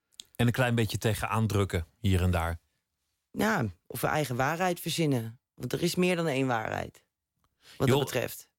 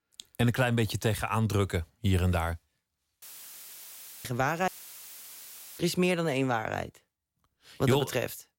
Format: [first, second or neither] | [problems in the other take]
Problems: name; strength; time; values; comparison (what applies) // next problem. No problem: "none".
first | audio cutting out; filled with static; at 3 s for 1 s and at 4.5 s for 1 s